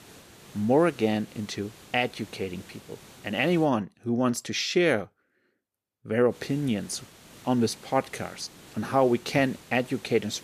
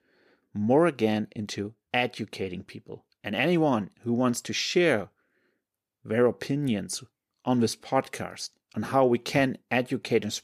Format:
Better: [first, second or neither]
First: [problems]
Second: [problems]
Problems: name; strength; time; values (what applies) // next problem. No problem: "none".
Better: second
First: hiss; faint; until 3.5 s and from 6.5 s on; 20 dB below the speech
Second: none